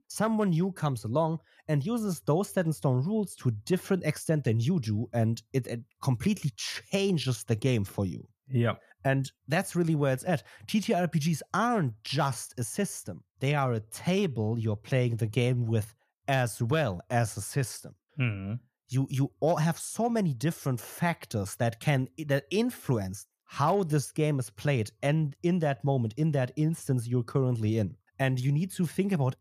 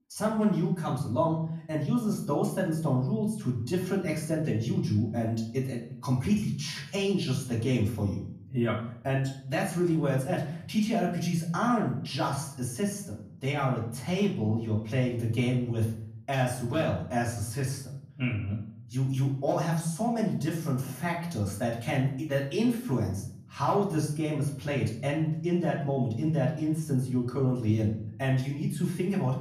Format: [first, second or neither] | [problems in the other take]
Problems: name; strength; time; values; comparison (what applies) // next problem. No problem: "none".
first | off-mic speech; far // room echo; slight; dies away in 0.5 s